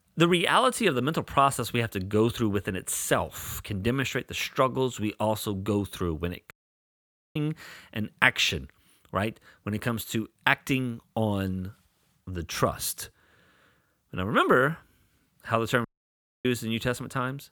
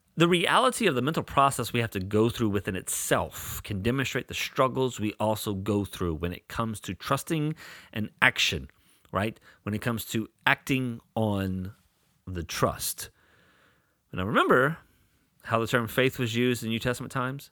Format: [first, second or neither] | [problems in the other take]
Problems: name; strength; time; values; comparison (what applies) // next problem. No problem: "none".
second | audio cutting out; at 6.5 s for 1 s and at 16 s for 0.5 s